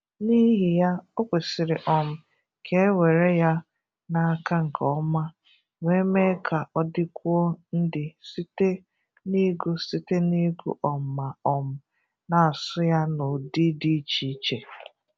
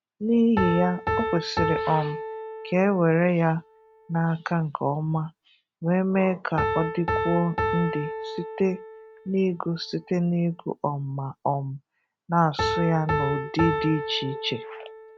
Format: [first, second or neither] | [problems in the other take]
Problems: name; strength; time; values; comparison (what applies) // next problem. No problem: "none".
first | background sound (Piano); 6 dB below the speech